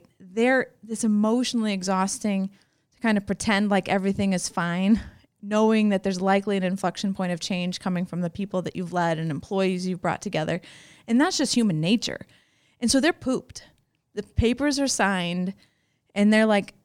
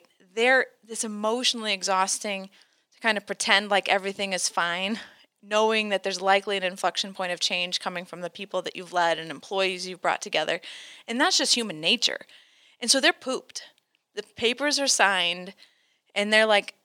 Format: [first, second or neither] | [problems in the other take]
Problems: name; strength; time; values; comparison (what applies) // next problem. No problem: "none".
first | thin; somewhat; fading below 500 Hz